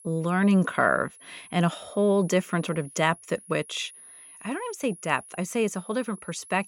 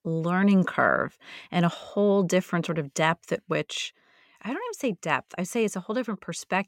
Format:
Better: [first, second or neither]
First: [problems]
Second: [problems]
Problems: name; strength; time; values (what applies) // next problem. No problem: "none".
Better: second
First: high-pitched whine; noticeable; throughout; 10.5 kHz, 20 dB below the speech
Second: none